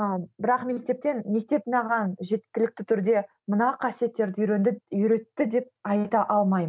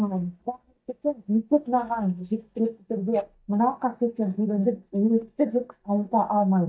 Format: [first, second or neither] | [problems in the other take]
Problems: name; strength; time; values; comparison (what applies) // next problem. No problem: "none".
first | noise reduction (neural mask model DeepFilterNet 3)